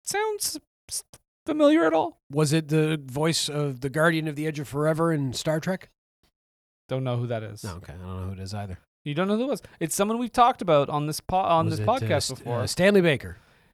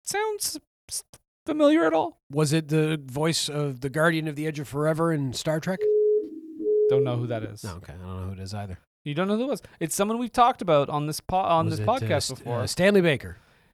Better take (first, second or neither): first